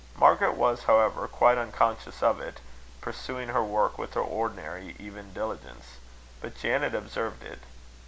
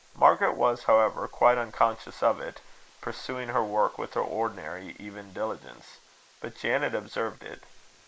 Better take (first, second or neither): first